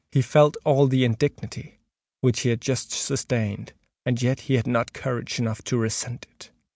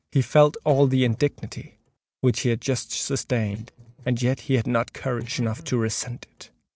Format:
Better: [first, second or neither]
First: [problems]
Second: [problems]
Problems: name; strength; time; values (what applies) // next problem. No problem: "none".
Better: first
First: none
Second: noise reduction (neural separator model SepFormer DNS4)